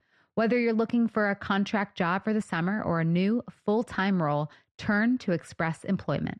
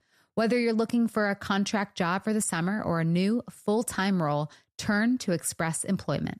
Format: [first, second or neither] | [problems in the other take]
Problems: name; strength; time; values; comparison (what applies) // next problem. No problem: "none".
second | muffled; slightly; fading above 2.5 kHz